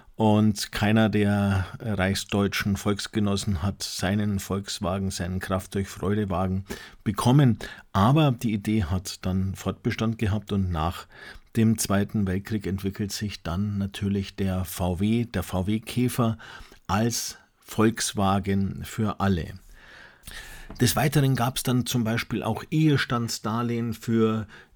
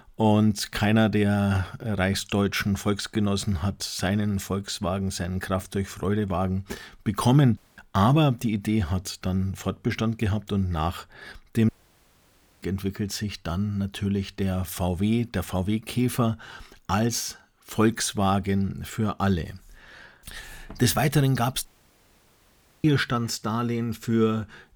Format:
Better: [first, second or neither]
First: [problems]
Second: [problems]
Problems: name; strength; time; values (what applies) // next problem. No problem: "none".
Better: first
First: none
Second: audio cutting out; at 7.5 s, at 12 s for 1 s and at 22 s for 1 s